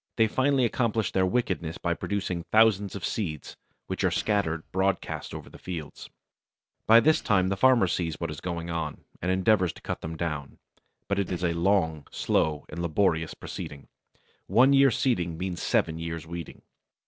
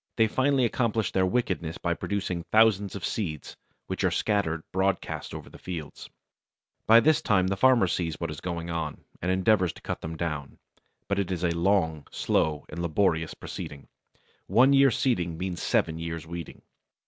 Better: second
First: noise reduction (neural separator model SepFormer DNS4)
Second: none

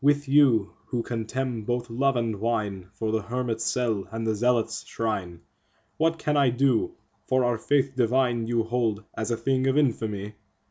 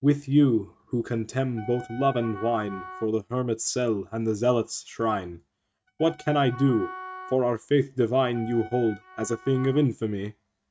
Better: first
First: none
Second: noise reduction (neural mask model RNNoise)

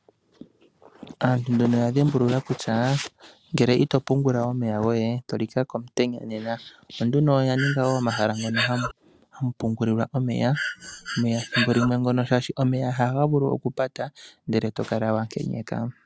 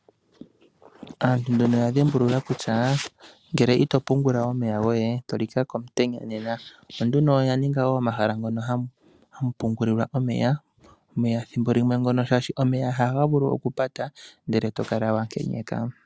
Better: second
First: background sound (Breathing); 6 dB below the speech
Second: none

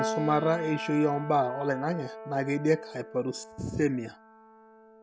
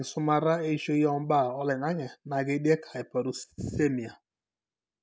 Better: second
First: background sound (Piano); 10 dB below the speech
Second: none

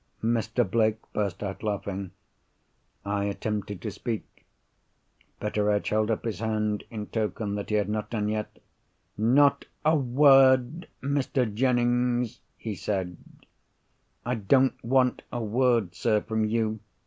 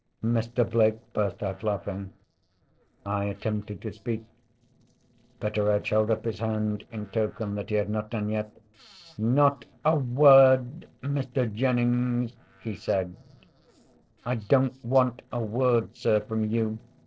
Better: first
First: none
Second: noise reduction (neural separator model SepFormer DNS4)

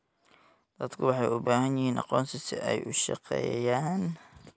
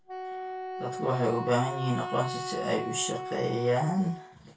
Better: first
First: none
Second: background sound (Wind instrument, woodwind instrument); 7 dB below the speech // room echo; dies away in 0.2 s

